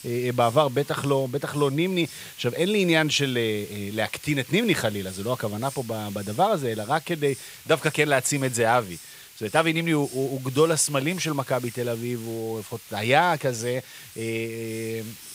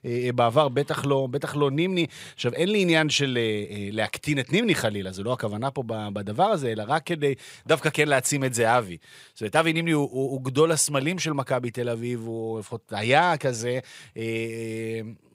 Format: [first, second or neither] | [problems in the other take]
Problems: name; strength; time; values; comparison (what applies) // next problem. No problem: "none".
second | hiss; noticeable; throughout; 15 dB below the speech